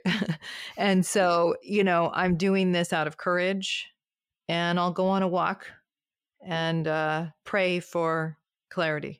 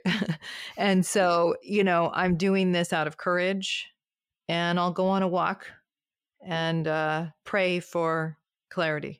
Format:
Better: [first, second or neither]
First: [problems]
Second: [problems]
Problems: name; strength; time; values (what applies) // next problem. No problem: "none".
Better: neither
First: none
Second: none